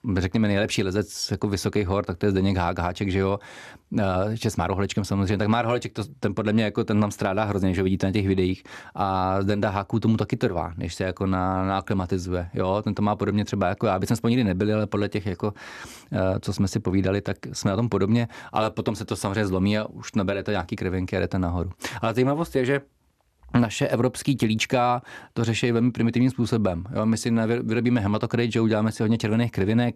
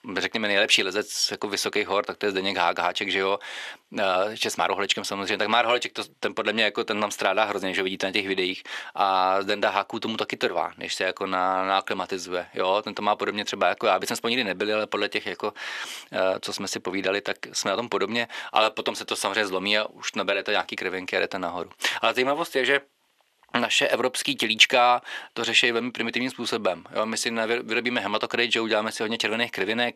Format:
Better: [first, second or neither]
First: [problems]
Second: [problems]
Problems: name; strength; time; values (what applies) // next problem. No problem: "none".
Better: first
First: none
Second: thin; somewhat; fading below 500 Hz